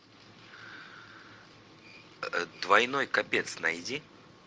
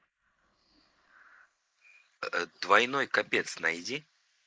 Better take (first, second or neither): first